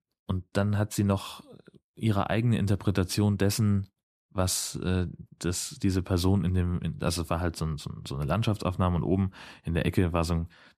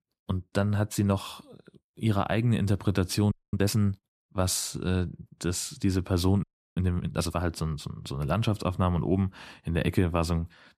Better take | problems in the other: first | audio freezing; at 3.5 s and at 6.5 s

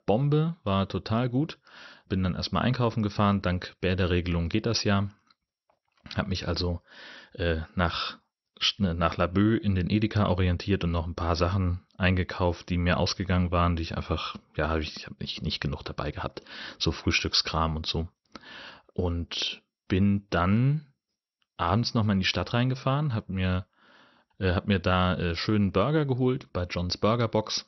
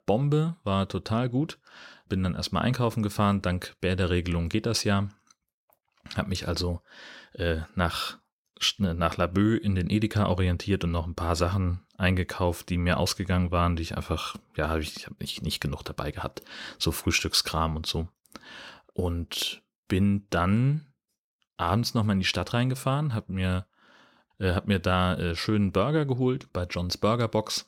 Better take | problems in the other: second | garbled, watery; slightly; nothing above 6 kHz

